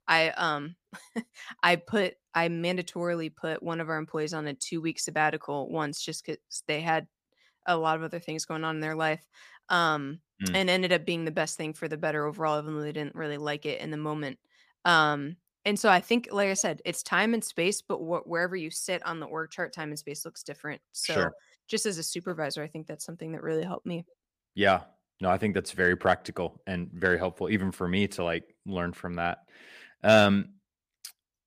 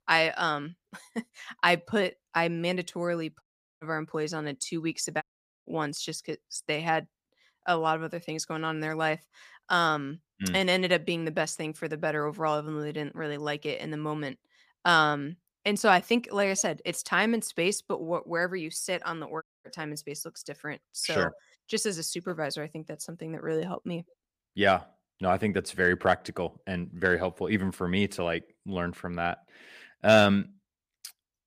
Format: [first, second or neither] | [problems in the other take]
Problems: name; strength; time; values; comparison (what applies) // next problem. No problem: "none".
first | audio cutting out; at 3.5 s, at 5 s and at 19 s